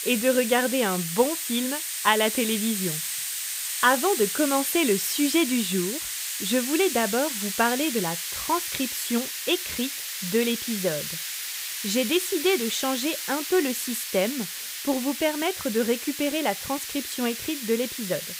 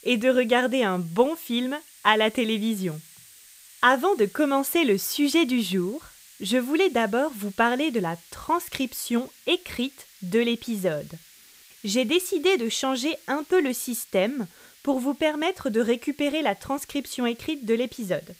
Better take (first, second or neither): second